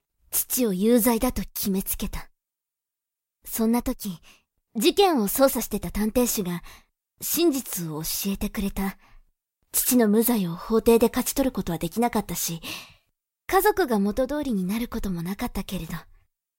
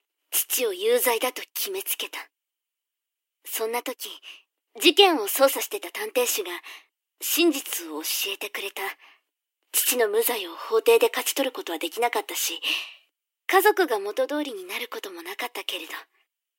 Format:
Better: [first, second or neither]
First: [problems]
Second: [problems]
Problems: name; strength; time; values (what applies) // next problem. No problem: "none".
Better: first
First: none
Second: thin; very; fading below 300 Hz